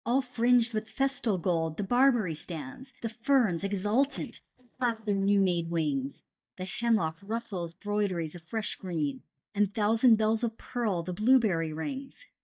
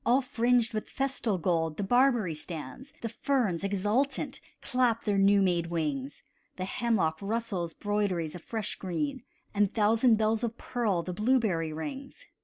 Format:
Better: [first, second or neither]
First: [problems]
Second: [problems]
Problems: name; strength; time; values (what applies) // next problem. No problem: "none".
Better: second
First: noise reduction (neural mask model DeepFilterNet 3)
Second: none